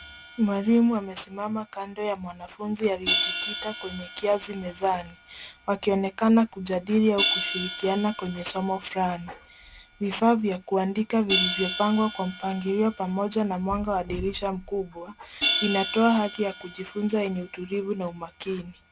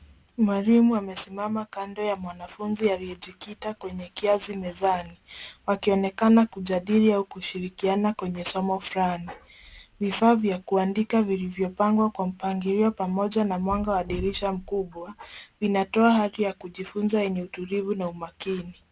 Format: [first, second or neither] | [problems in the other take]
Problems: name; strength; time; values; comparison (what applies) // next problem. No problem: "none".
second | background sound (Hi-hat); 8 dB below the speech